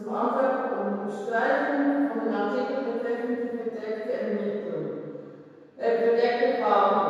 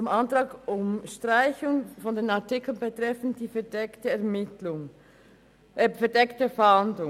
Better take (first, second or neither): second